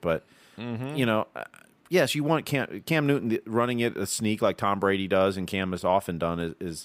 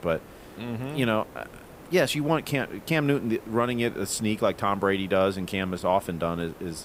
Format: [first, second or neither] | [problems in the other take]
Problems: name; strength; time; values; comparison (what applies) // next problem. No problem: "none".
first | hiss; noticeable; throughout; 20 dB below the speech